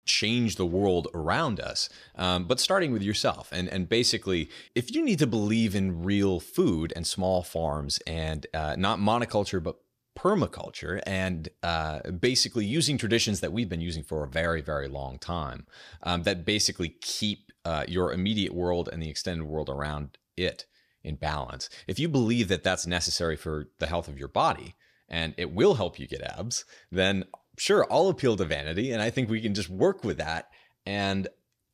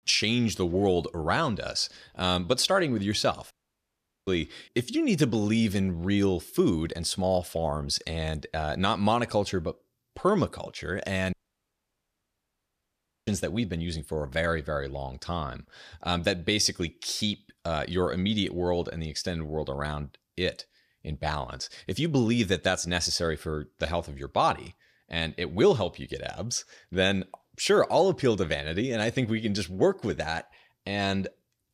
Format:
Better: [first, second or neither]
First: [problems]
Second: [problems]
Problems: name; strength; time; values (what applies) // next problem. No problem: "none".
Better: first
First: none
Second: audio cutting out; at 3.5 s for 1 s and at 11 s for 2 s